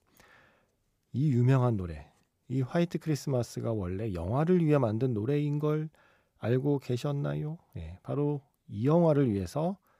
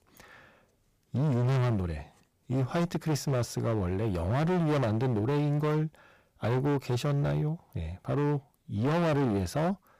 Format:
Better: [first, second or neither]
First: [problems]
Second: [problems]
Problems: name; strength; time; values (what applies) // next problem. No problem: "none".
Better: first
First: none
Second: distortion; heavy; 22% of the sound clipped